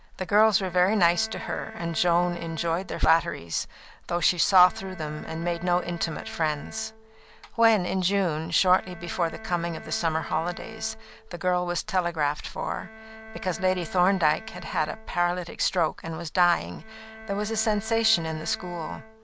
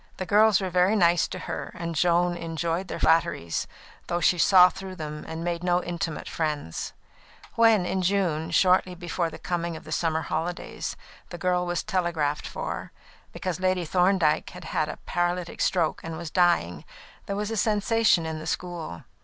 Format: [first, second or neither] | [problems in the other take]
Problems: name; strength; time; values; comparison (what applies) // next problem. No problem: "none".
second | background sound (Bowed string instrument); 18 dB below the speech